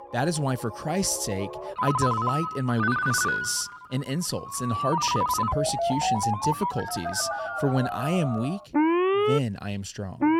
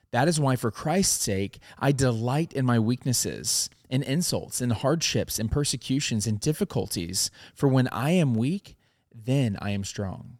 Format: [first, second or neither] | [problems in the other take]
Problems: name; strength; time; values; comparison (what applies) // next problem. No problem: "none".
second | alarms or sirens; very loud; throughout; 1 dB above the speech